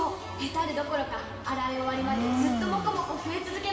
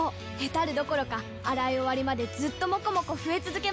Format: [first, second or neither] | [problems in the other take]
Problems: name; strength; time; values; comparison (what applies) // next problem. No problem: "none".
second | background sound (Domestic sounds, home sounds); 2 dB below the speech // room echo; dies away in 2.5 s